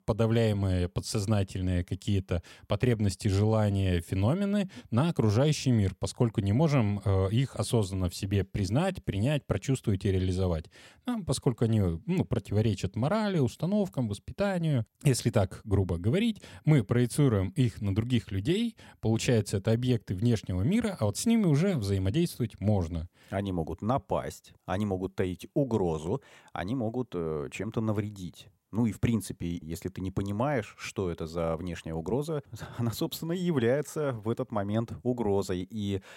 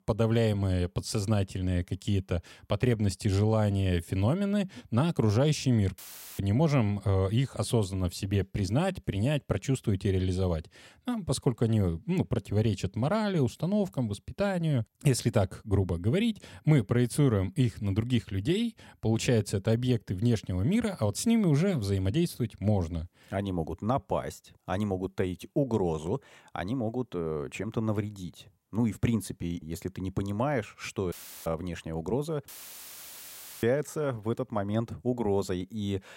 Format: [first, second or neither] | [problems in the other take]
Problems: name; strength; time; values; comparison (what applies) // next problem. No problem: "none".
first | audio cutting out; filled with static; at 6 s, at 31 s and at 32 s for 1 s